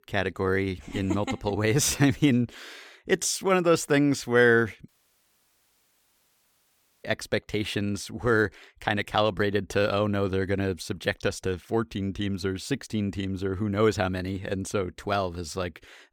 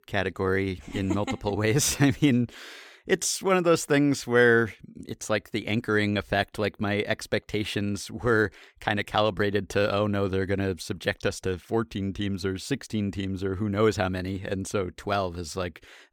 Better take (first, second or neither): second